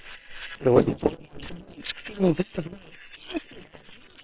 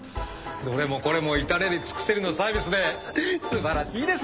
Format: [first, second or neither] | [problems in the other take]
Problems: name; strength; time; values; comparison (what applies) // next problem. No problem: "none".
second | noise reduction (neural separator model SepFormer WHAM!)